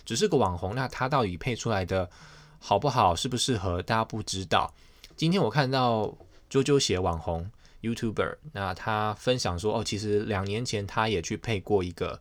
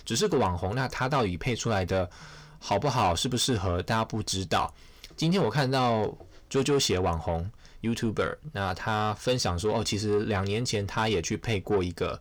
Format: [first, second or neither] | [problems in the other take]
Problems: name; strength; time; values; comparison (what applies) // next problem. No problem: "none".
first | distortion; slight; 10 dB below the speech